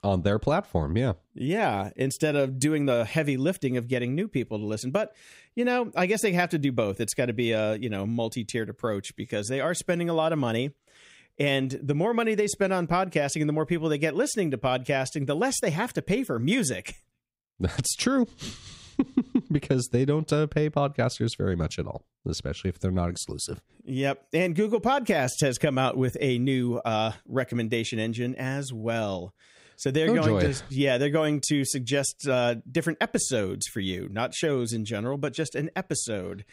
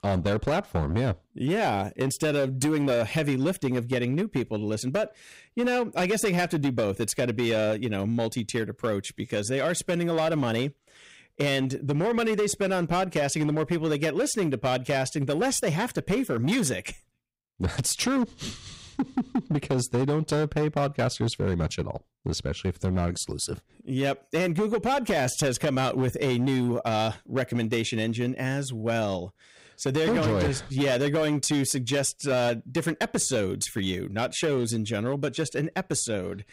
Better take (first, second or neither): first